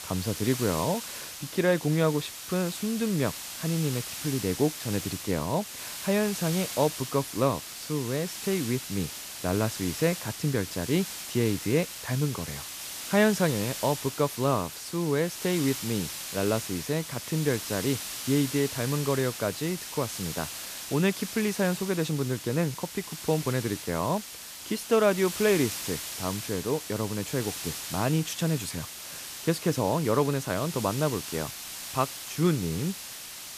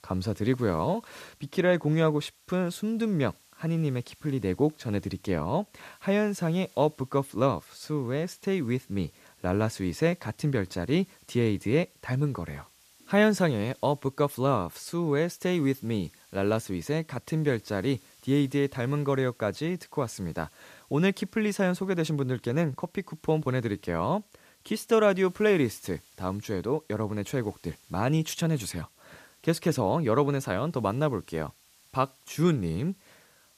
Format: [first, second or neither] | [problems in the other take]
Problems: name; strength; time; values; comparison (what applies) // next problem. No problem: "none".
second | hiss; loud; throughout; 7 dB below the speech; faint in the second